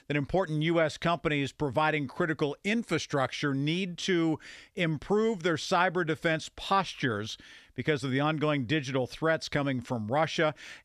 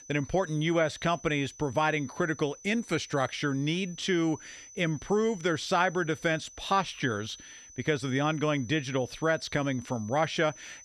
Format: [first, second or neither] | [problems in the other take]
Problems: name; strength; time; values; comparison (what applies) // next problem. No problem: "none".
first | high-pitched whine; noticeable; throughout; 6 kHz, 20 dB below the speech